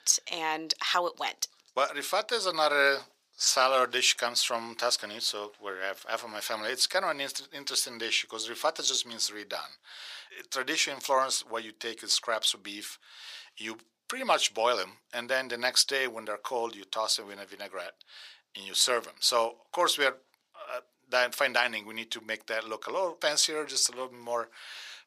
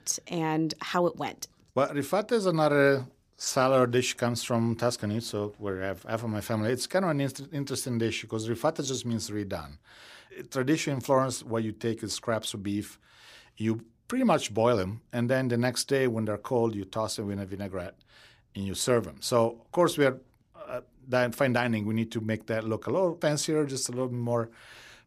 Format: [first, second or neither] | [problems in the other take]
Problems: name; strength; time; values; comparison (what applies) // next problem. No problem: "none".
second | thin; very; fading below 750 Hz